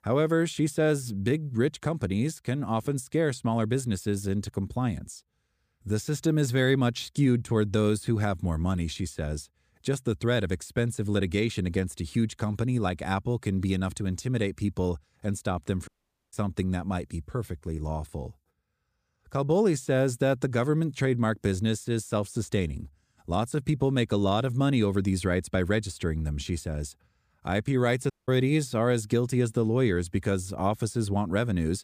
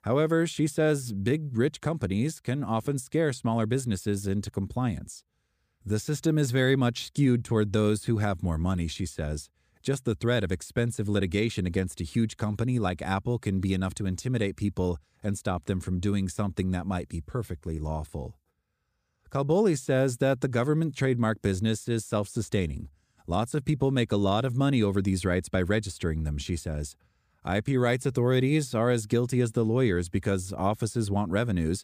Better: second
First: audio cutting out; at 16 s and at 28 s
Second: none

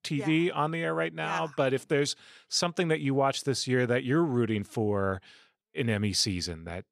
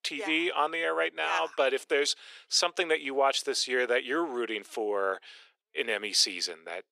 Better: first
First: none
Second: thin; very; fading below 400 Hz

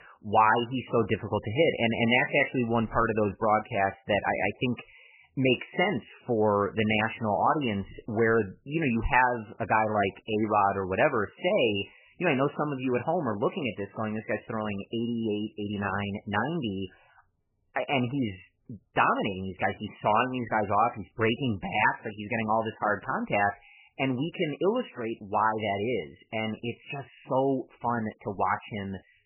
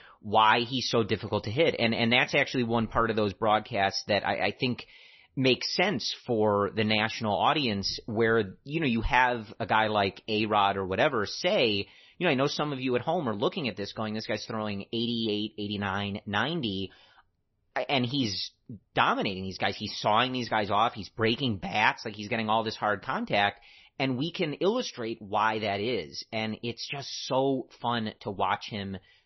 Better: second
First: garbled, watery; badly; nothing above 3 kHz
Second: garbled, watery; slightly; nothing above 6 kHz

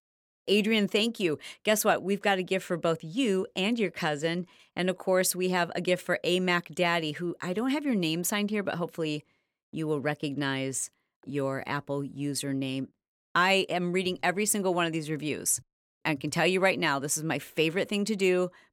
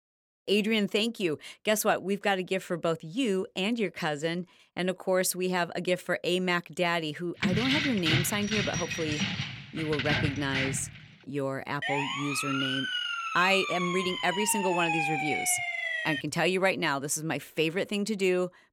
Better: first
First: none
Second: jangling keys; loud; from 7.5 to 11 s; peak 2 dB above the speech // siren; loud; from 12 to 16 s; peak 1 dB above the speech

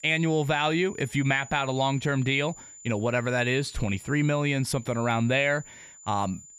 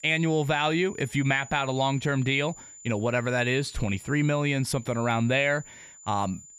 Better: neither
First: high-pitched whine; noticeable; throughout; 7 kHz, 20 dB below the speech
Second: high-pitched whine; noticeable; throughout; 7 kHz, 20 dB below the speech

